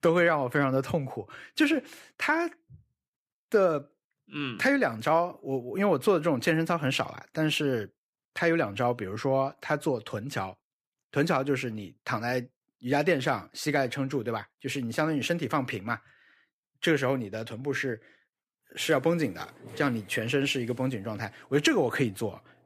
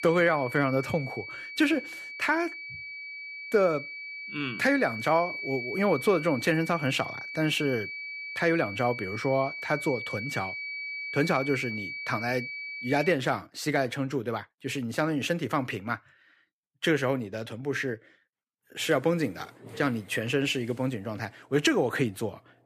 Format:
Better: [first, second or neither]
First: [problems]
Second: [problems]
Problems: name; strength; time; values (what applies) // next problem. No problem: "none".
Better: first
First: none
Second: high-pitched whine; loud; until 13 s; 2.5 kHz, 7 dB below the speech